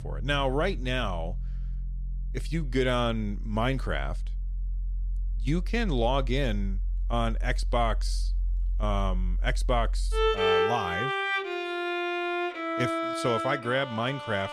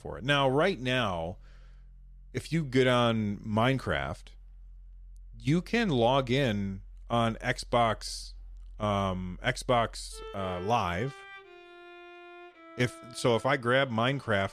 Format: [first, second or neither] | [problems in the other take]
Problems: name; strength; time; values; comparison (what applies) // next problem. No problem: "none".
second | background music; loud; throughout; 1 dB below the speech; faint in the second